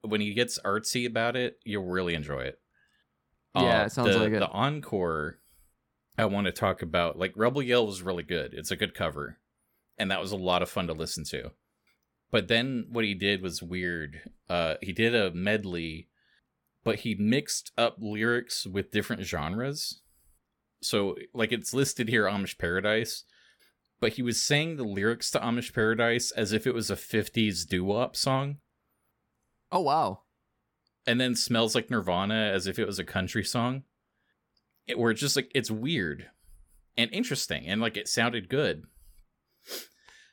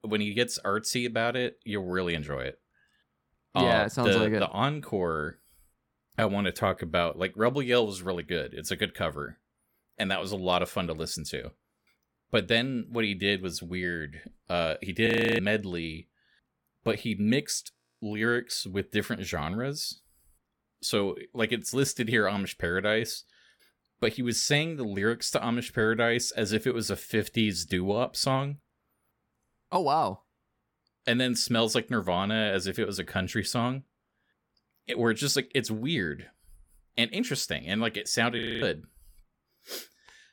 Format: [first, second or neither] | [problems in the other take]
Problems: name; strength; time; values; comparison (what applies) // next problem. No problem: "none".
first | audio freezing; at 15 s, at 18 s and at 38 s